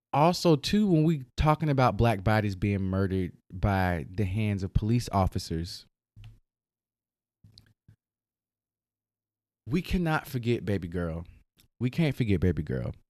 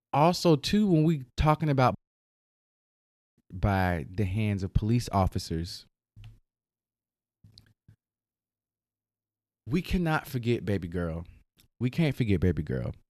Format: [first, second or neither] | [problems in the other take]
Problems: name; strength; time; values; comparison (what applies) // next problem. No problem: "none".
first | audio cutting out; at 2 s for 1.5 s